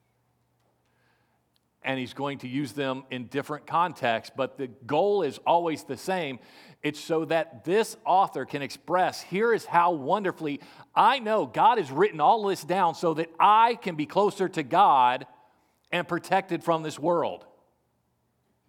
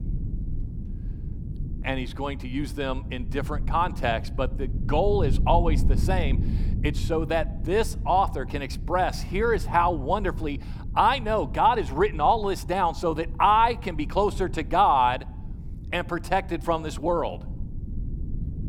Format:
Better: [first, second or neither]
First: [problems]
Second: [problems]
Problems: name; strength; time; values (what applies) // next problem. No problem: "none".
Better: first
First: none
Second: low rumble; faint; throughout; 20 dB below the speech